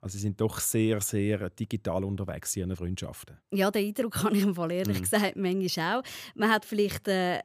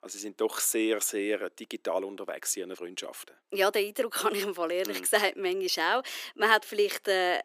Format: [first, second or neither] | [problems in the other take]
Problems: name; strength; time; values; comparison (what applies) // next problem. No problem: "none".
first | thin; very; fading below 300 Hz